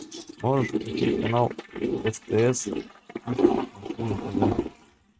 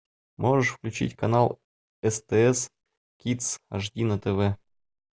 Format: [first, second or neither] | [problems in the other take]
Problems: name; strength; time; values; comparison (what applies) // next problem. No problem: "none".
second | noise reduction (neural mask model RNNoise)